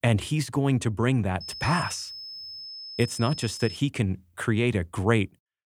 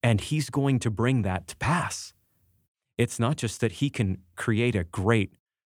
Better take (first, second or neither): second